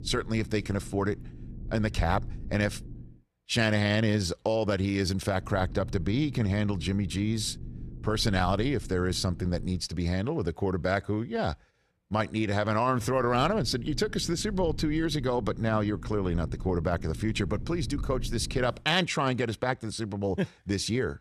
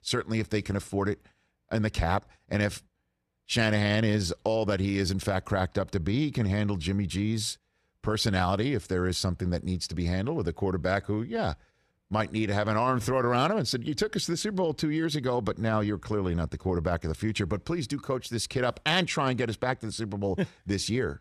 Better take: second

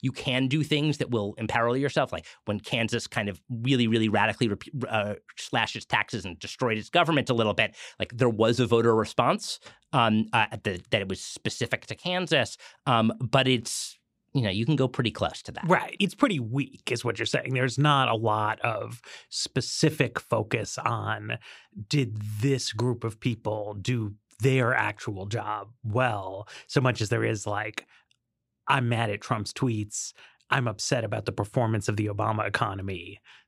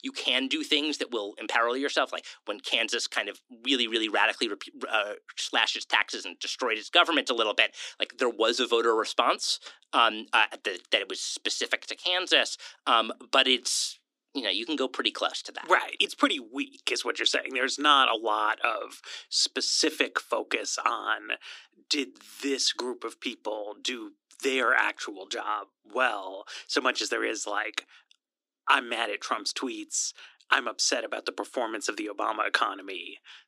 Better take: first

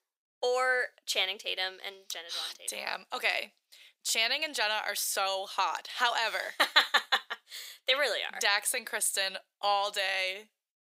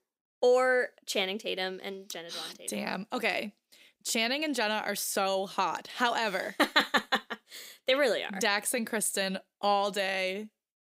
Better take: second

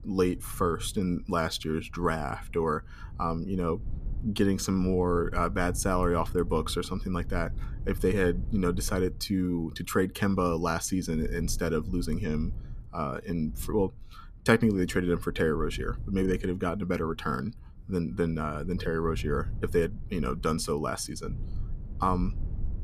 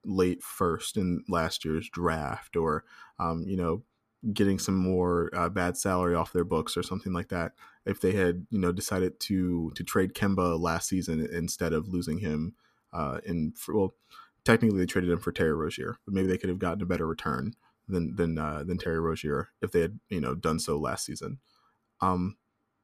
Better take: second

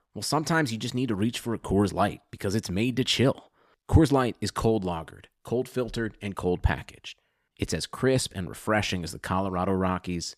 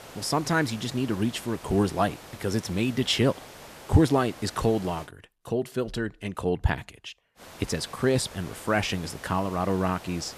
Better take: first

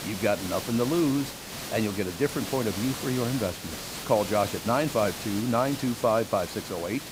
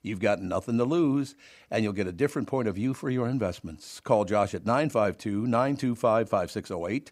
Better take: second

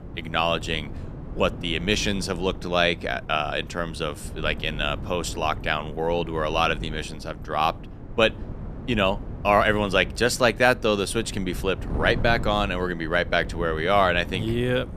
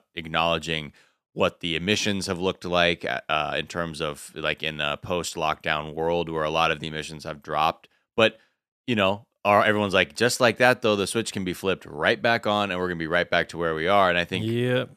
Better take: second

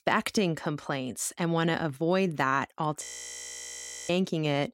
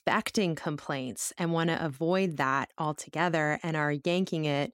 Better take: second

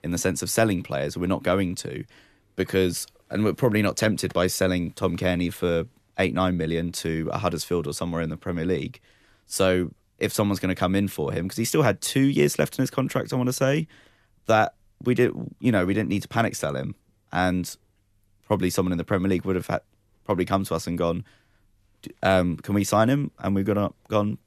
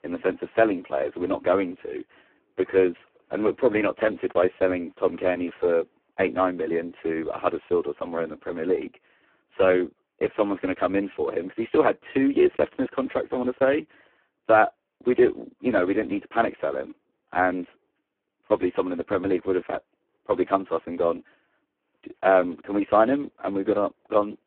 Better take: first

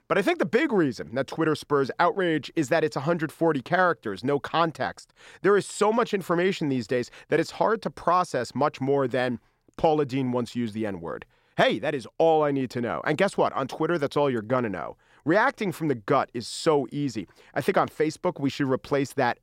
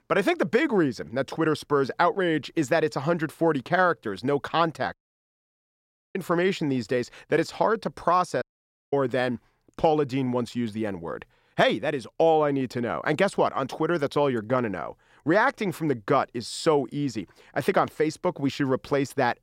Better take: first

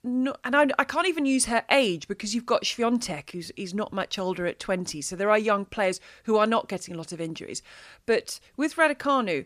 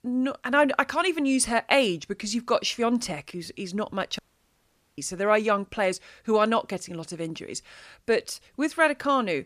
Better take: first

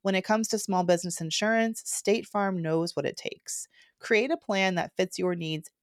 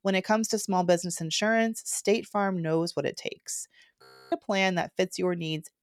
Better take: first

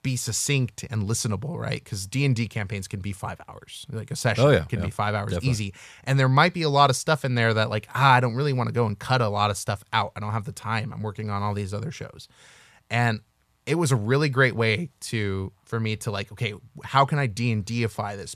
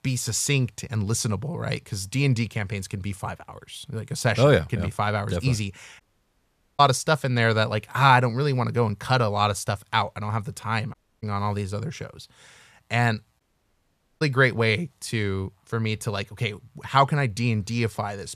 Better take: first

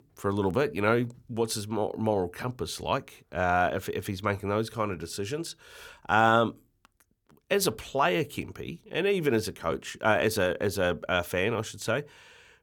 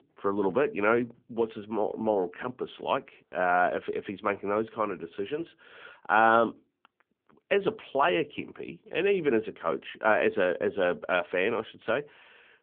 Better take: first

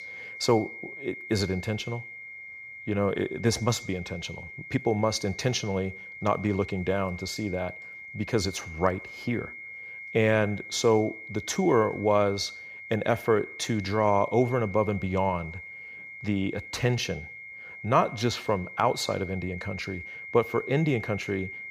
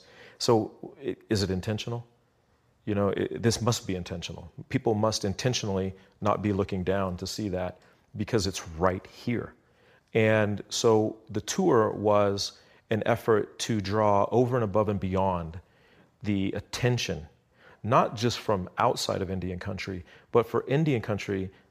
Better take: second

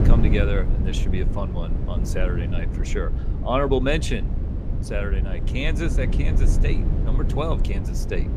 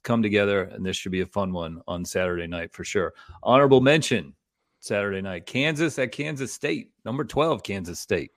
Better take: second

